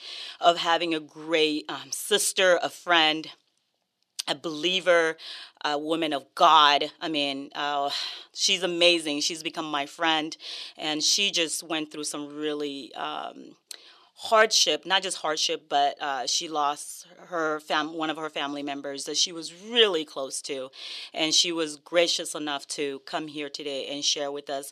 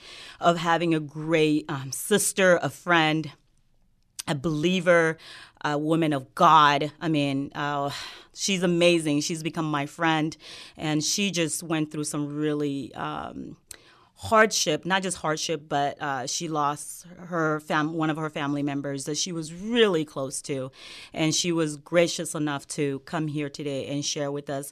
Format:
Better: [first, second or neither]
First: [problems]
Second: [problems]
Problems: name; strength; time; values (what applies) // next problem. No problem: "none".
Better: second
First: thin; somewhat; fading below 400 Hz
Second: none